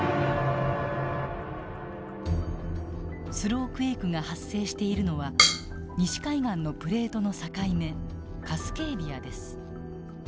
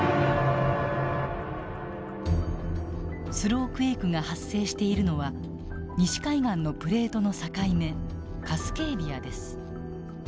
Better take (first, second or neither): second